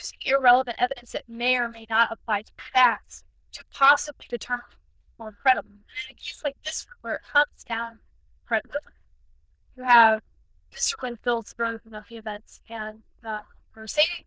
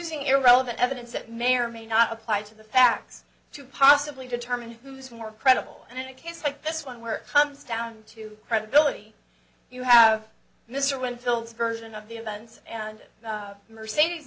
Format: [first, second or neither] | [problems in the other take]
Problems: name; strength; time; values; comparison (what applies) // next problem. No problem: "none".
second | noise reduction (neural diffusion model UNIVERSE++)